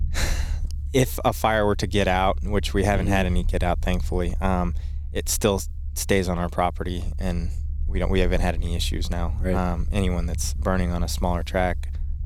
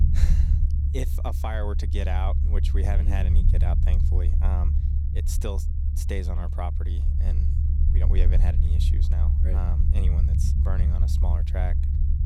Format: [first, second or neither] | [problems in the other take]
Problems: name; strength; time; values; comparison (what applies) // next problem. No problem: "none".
first | low rumble; loud; throughout; 3 dB below the speech; faint in the first